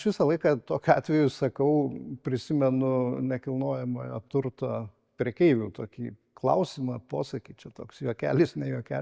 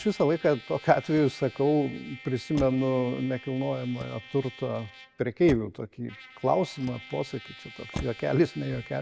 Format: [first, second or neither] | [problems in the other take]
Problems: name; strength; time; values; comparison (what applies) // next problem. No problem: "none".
first | background sound (Trumpet + Motor vehicle (road)); 16 dB below the speech